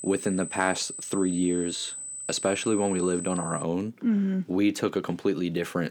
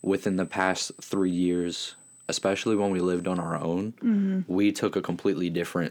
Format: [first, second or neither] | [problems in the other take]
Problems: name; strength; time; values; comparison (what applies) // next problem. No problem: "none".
second | high-pitched whine; loud; until 3.5 s; 8 kHz, 7 dB below the speech; faint in the second